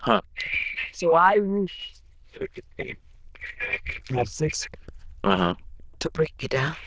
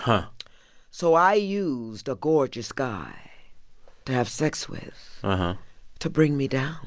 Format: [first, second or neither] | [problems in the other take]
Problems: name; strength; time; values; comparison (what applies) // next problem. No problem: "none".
second | noise reduction (neural diffusion model UNIVERSE++)